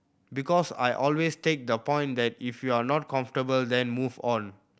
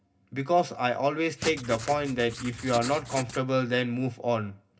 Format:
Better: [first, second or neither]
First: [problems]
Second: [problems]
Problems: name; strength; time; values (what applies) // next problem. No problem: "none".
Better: first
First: none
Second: background sound (Writing); 10 dB below the speech // room echo; dies away in 0.4 s